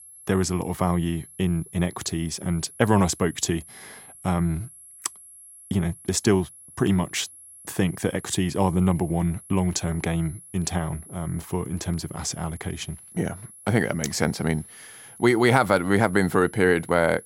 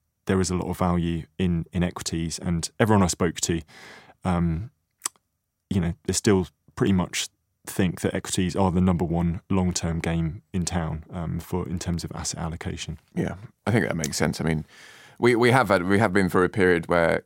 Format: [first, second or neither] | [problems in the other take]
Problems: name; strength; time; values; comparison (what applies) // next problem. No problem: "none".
second | high-pitched whine; noticeable; throughout; 11 kHz, 20 dB below the speech